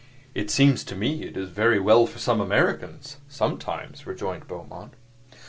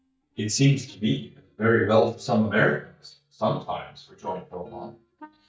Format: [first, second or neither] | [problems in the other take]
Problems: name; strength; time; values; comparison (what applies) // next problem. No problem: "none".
first | noise reduction (neural mask model DeepFilterNet 3)